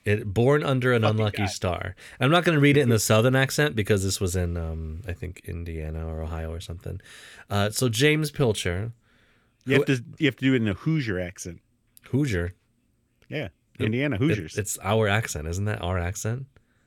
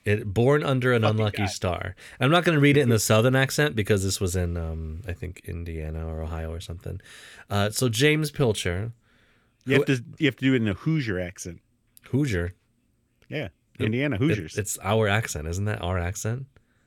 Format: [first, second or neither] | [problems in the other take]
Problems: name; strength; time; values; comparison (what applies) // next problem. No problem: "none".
neither | none